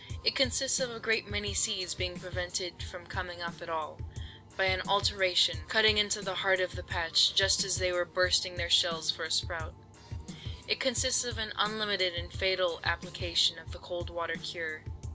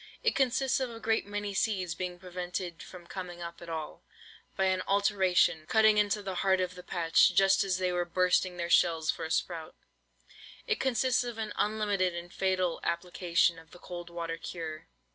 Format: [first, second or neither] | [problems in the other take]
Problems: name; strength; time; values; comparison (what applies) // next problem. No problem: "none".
second | background sound (Drum kit); 11 dB below the speech